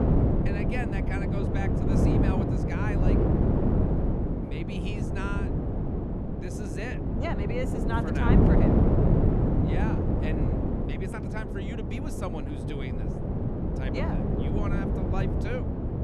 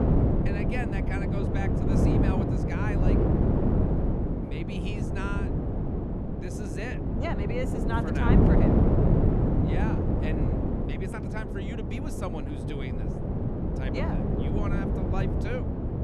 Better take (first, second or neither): neither